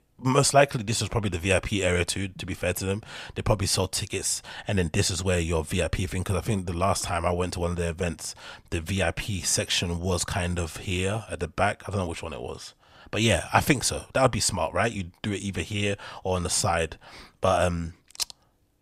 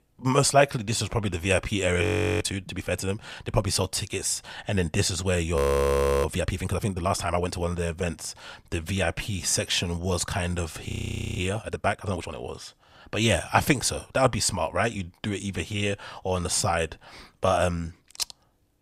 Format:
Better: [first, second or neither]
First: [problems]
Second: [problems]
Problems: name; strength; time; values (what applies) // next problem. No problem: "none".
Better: first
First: none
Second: audio freezing; at 2 s, at 5.5 s for 0.5 s and at 11 s